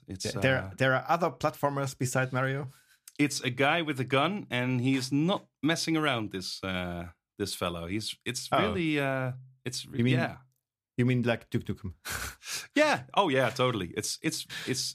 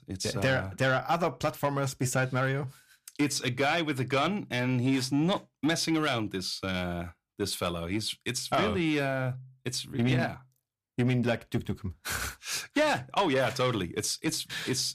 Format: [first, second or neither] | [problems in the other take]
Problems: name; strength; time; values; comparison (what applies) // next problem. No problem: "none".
first | distortion; slight; 10 dB below the speech